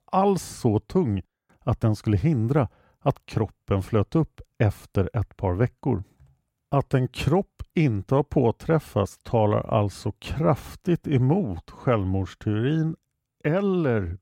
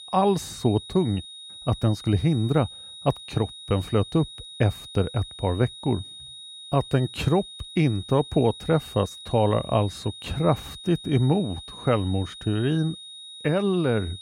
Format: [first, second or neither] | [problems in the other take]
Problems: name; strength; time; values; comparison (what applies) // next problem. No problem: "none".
first | high-pitched whine; noticeable; throughout; 4 kHz, 15 dB below the speech